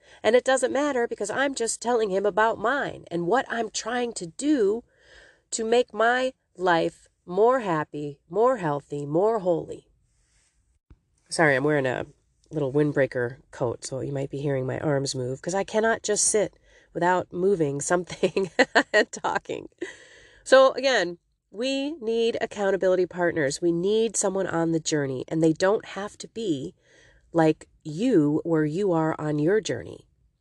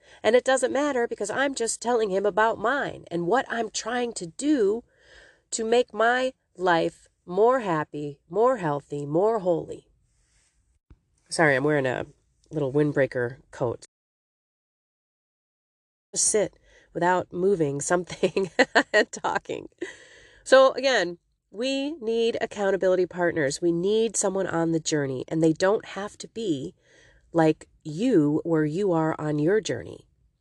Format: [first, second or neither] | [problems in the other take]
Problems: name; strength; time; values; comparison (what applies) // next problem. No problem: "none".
first | audio cutting out; at 14 s for 2.5 s